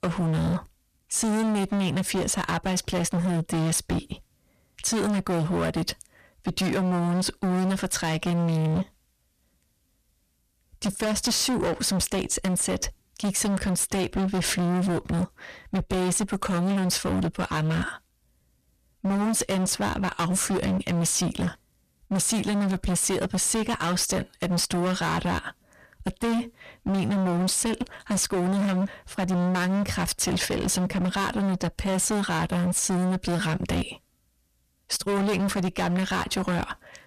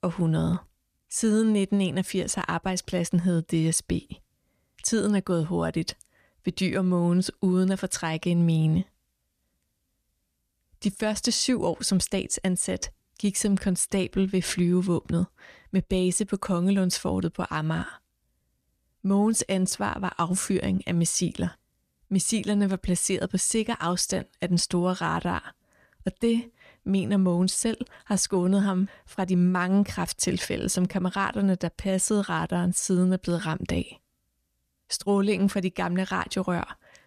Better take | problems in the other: second | distortion; heavy; 31% of the sound clipped

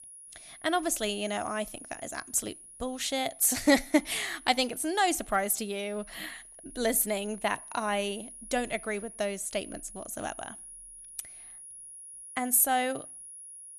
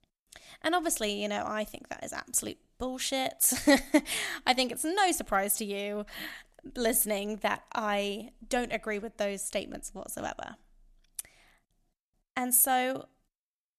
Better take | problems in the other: second | high-pitched whine; noticeable; throughout; 10.5 kHz, 15 dB below the speech

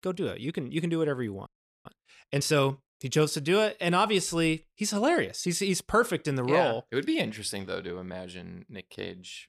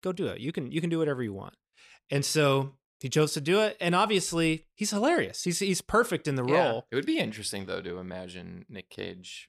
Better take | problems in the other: second | audio freezing; at 1.5 s

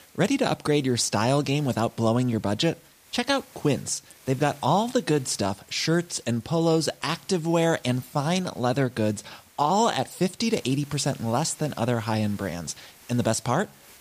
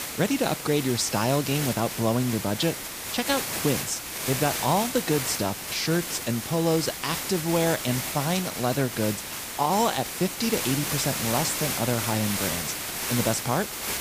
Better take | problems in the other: first | hiss; loud; throughout; 3 dB below the speech; faint in the first

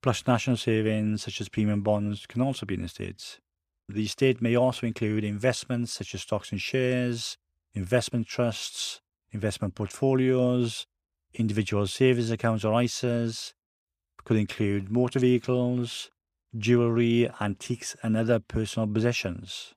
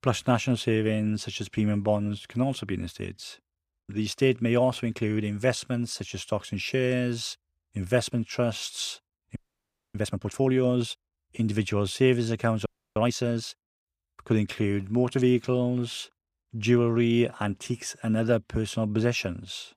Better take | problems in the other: first | audio freezing; at 9.5 s for 0.5 s and at 13 s

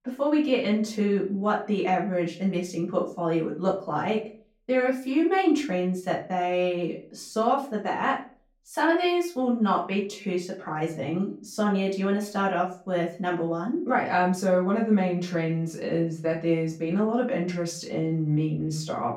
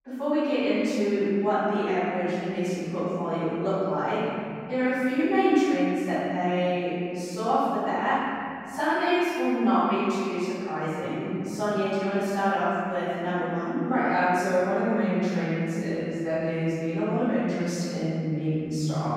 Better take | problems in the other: first | room echo; strong; dies away in 2.9 s; slight in the first // off-mic speech; far; far in the first

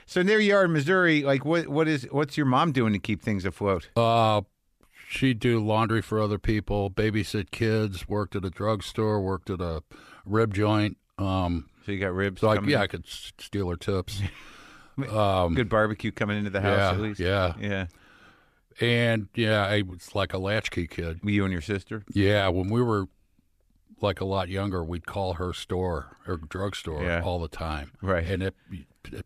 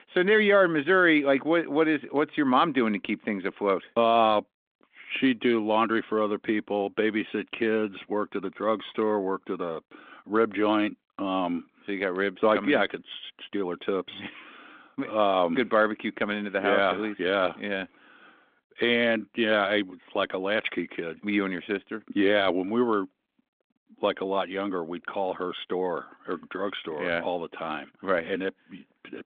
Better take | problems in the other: first | phone-call audio; nothing above 3.5 kHz

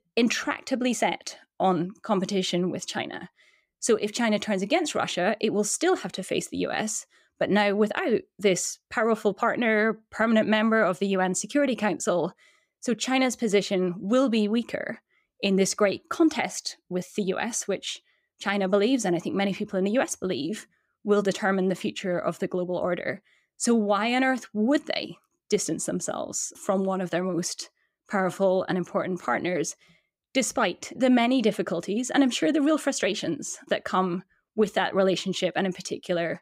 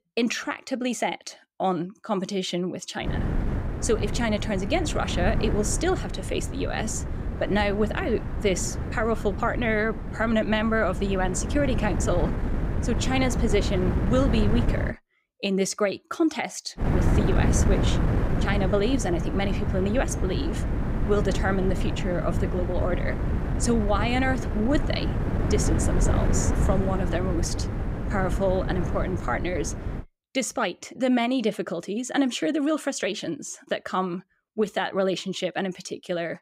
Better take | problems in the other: first | wind noise on the microphone; heavy; from 3 to 15 s and from 17 to 30 s; 7 dB below the speech

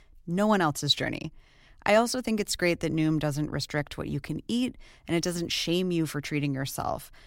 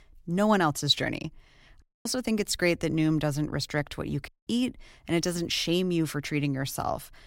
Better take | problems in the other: first | audio cutting out; at 2 s and at 4.5 s

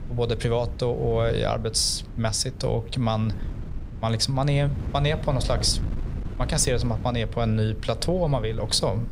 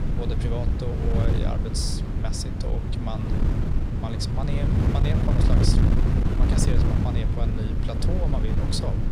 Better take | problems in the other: first | wind noise on the microphone; heavy; as loud as the speech; occasional gusts in the first

